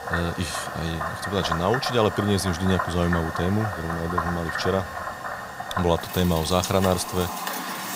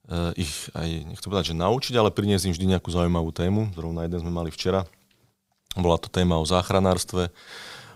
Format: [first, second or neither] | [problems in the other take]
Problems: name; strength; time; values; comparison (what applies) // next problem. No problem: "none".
second | animal sounds; loud; throughout; 5 dB below the speech